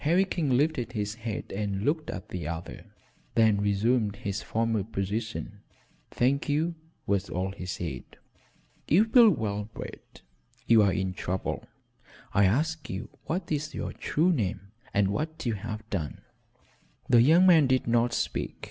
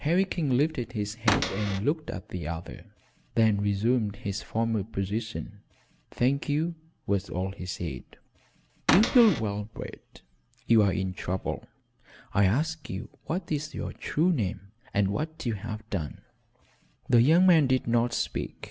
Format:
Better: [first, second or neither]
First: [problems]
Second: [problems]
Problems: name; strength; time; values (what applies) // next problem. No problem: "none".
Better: first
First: none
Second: background sound (Cupboard open or close / Door); 2 dB below the speech